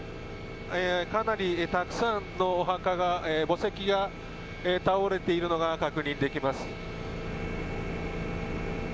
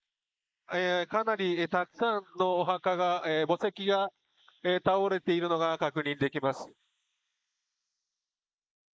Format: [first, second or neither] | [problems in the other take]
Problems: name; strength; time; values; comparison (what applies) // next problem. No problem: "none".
first | noise reduction (neural mask model Resemble Enhance denoiser)